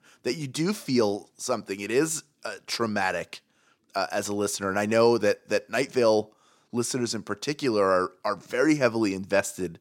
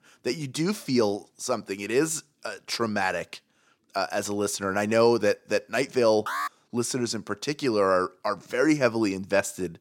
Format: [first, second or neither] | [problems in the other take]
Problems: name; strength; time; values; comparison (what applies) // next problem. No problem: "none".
first | alarm; noticeable; at 6.5 s; peak 5 dB below the speech